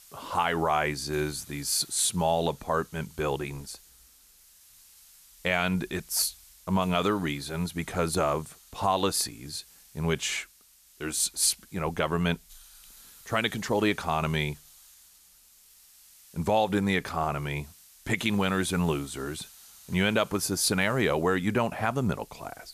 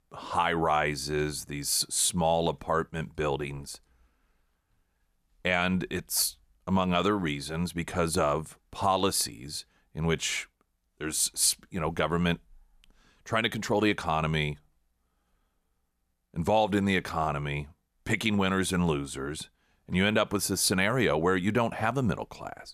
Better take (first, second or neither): second